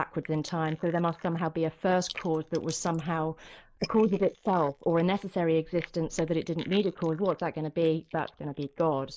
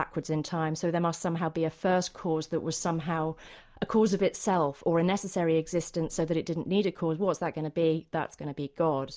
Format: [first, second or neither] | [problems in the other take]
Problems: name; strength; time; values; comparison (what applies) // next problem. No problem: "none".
second | noise reduction (neural mask model Resemble Enhance denoiser)